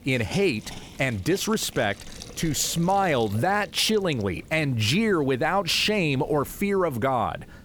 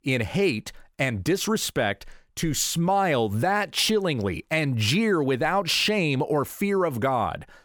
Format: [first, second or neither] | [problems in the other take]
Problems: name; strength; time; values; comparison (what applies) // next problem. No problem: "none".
second | hiss; noticeable; throughout; 20 dB below the speech